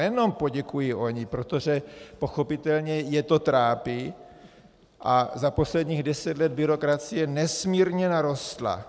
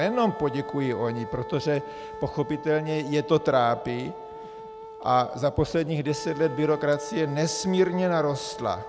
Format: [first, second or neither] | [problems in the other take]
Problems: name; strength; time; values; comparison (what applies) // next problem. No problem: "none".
first | background sound (Wind instrument, woodwind instrument); 13 dB below the speech